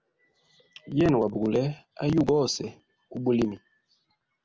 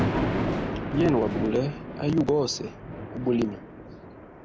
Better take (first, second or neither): first